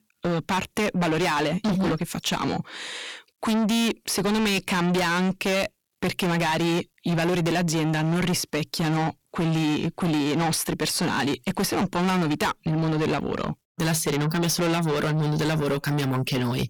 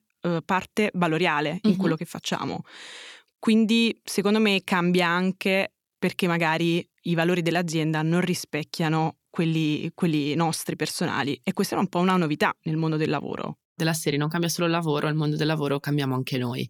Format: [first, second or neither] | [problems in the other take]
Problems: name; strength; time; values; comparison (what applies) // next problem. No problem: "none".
second | distortion; heavy; 5 dB below the speech